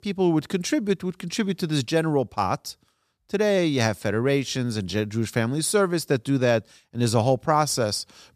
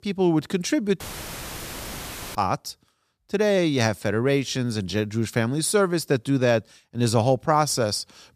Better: first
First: none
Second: audio cutting out; filled with static; at 1 s for 1.5 s

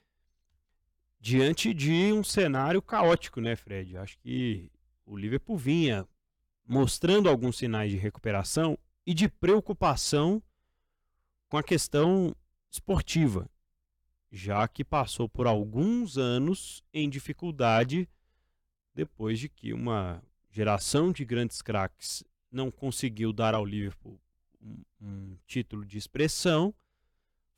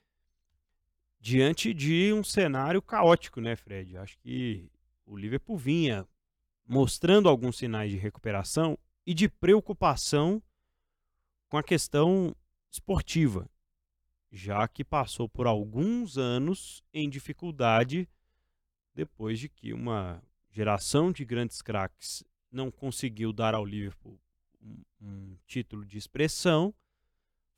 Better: second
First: distortion; slight; 10 dB below the speech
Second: none

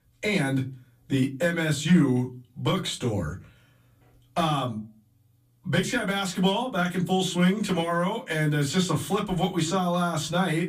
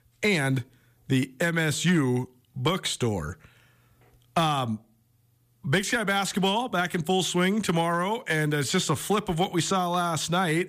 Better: second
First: off-mic speech; far // room echo; very slight; dies away in 0.2 s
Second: none

